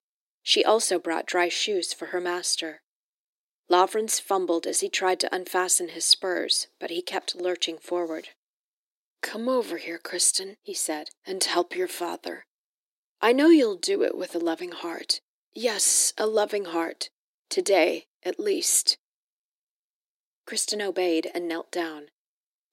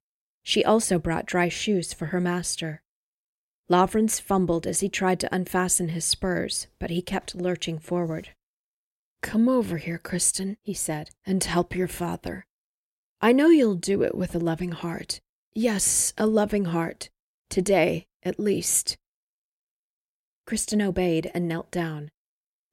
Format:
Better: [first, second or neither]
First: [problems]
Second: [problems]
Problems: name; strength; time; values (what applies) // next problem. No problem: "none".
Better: second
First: thin; somewhat; fading below 300 Hz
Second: none